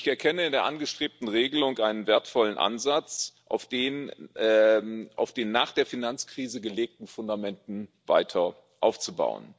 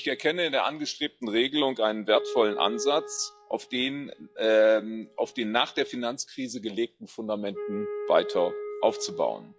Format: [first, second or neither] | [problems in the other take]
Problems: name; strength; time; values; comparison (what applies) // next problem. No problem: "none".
first | noise reduction (classical method log-MMSE)